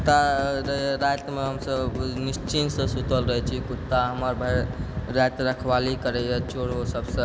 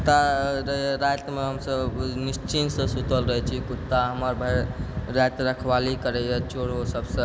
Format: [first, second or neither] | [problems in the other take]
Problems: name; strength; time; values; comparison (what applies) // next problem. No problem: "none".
second | background sound (Fire / Fireworks); 18 dB below the speech